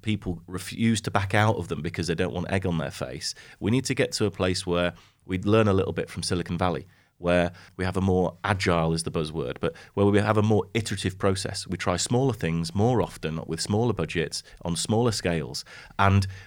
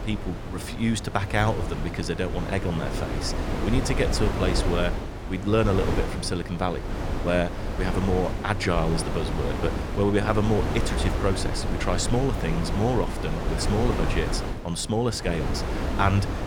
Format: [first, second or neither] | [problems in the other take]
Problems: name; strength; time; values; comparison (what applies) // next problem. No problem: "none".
first | wind noise on the microphone; heavy; 5 dB below the speech